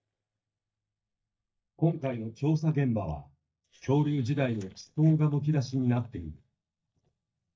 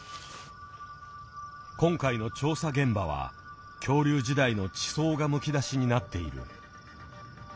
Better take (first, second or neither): second